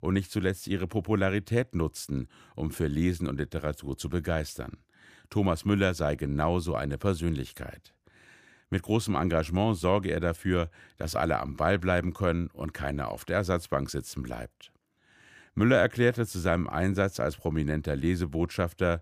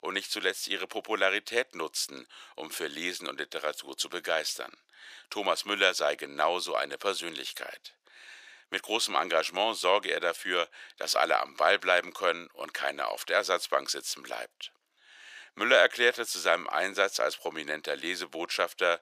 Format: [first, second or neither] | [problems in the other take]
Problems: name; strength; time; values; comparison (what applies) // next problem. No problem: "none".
first | thin; very; fading below 500 Hz